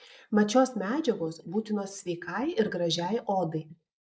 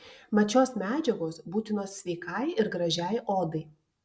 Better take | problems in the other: second | noise reduction (neural mask model Resemble Enhance denoiser)

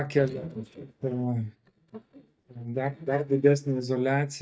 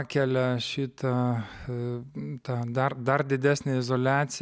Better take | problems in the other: second | noise reduction (neural mask model DeepFilterNet 3)

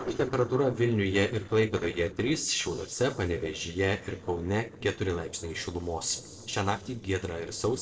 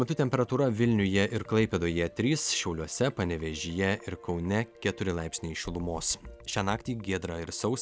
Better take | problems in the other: second | noise reduction (neural separator model SepFormer DNS4)

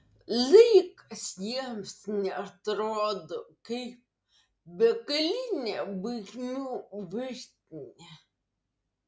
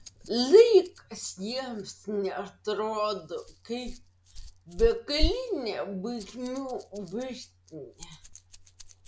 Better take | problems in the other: first | background sound (Rattle); 9 dB below the speech

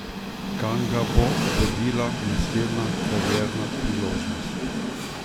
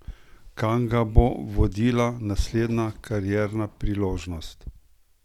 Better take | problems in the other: second | background sound (Train); as loud as the speech

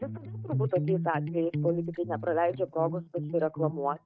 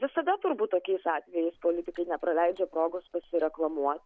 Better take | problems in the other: second | noise reduction (neural mask model DeepFilterNet 3)

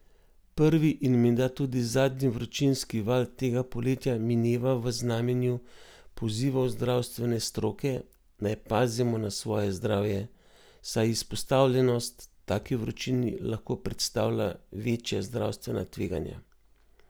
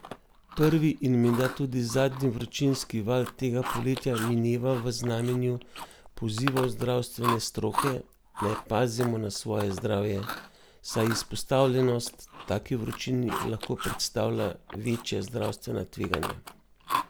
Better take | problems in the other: first | background sound (Chewing, mastication); 10 dB below the speech

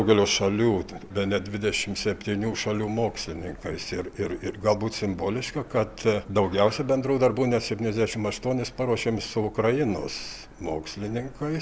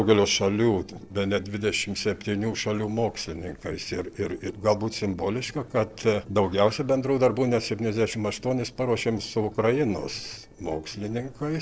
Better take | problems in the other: first | noise reduction (neural separator model SepFormer DNS4)

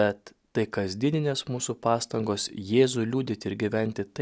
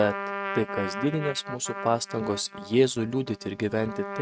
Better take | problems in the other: first | noise reduction (neural mask model RNNoise)

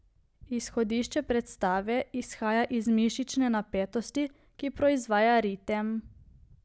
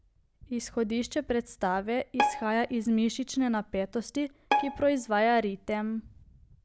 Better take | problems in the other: first | background sound (Bowed string instrument); 5 dB below the speech

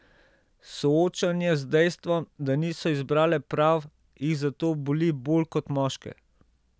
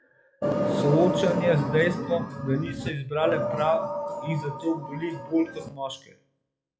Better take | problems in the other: first | noise reduction (classical method WPE with log-MMSE)

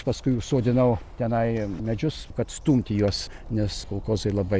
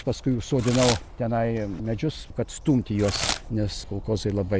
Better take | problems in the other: first | background sound (Packing tape, duct tape / Tearing); 10 dB below the speech

